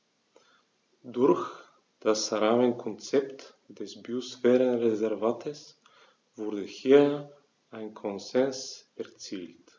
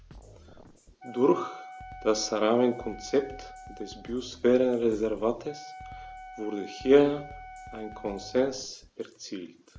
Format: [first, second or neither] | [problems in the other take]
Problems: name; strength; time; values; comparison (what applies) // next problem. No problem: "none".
first | background sound (Wind instrument, woodwind instrument + Drum kit); 17 dB below the speech